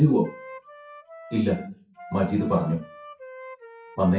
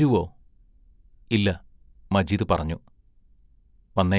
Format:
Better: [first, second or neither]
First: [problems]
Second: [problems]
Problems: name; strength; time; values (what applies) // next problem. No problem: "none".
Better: second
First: noise reduction (classical method WPE with log-MMSE)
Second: none